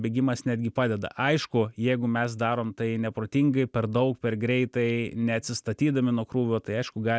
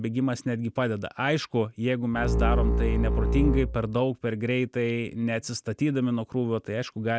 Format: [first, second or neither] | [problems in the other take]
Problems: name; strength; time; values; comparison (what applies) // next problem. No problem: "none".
first | background sound (Bowed string instrument); 3 dB above the speech